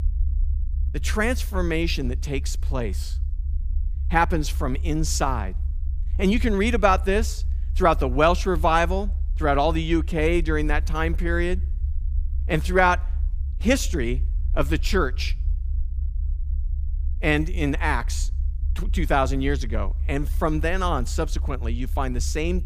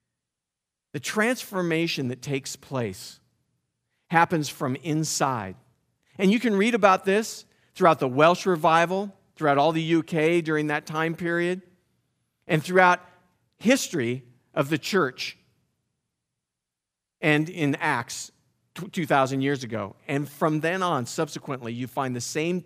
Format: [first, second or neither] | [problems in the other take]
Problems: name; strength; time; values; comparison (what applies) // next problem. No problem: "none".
second | low rumble; faint; throughout; 25 dB below the speech